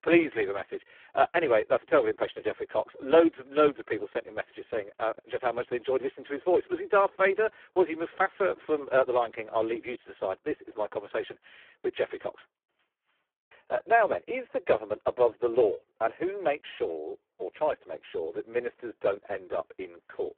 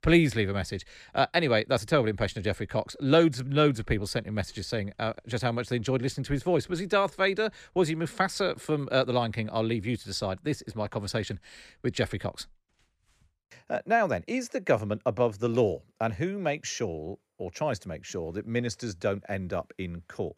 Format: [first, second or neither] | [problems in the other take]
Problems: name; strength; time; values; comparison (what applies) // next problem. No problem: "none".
second | phone-call audio; poor line